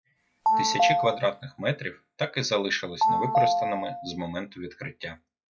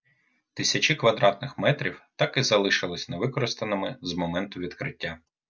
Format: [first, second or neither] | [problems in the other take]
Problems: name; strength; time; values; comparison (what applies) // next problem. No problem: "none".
second | noise reduction (classical method log-MMSE)